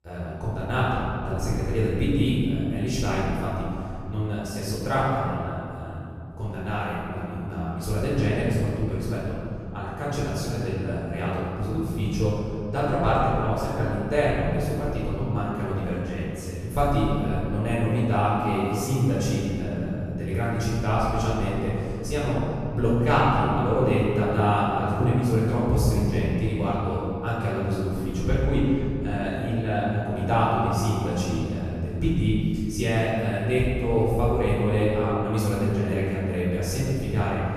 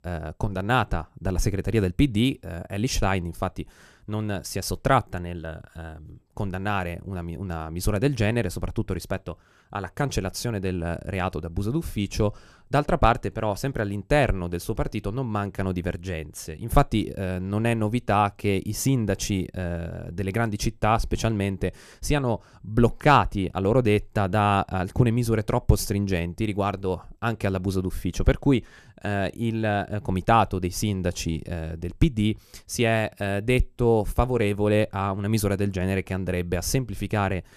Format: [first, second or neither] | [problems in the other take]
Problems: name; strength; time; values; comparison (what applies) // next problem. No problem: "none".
second | off-mic speech; far // room echo; strong; dies away in 2.6 s